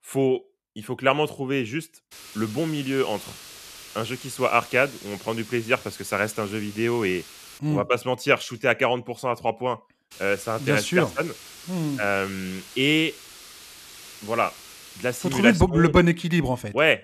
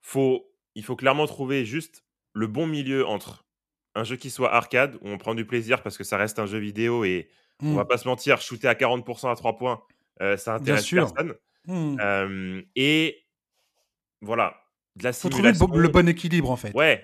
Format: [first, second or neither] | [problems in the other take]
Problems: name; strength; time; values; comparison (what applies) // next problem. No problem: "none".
second | hiss; noticeable; from 2 to 7.5 s and from 10 to 16 s; 15 dB below the speech